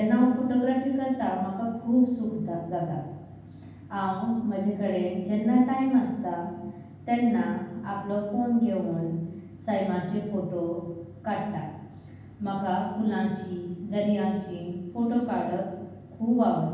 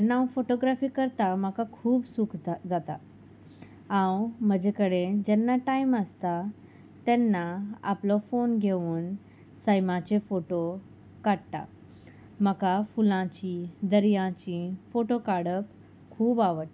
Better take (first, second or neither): second